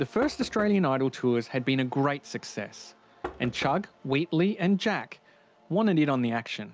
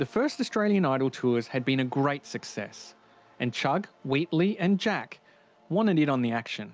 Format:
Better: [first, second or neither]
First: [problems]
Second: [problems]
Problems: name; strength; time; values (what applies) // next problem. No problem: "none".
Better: second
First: background sound (Knock); 15 dB below the speech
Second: none